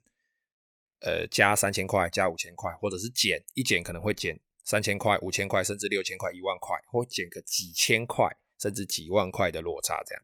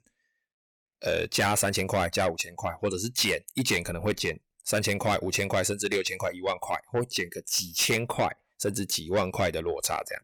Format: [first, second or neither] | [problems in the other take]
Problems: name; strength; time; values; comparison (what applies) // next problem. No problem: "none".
first | distortion; heavy; 8 dB below the speech